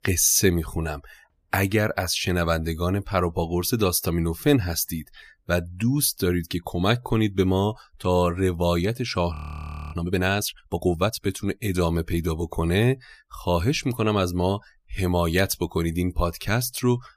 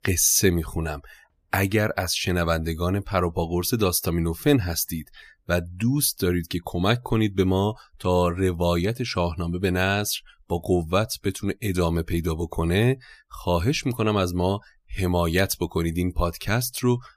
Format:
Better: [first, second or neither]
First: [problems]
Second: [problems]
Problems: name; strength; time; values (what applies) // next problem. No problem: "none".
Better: second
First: audio freezing; at 9.5 s for 0.5 s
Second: none